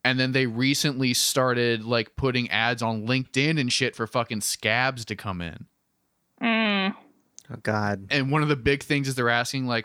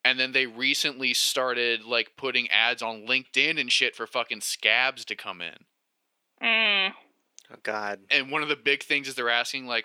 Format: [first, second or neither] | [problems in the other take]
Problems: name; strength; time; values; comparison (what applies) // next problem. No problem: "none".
first | thin; somewhat; fading below 450 Hz